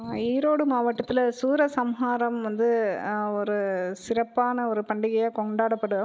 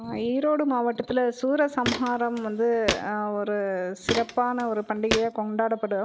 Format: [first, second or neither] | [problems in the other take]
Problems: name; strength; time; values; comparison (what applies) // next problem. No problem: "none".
first | background sound (Walk, footsteps); 8 dB below the speech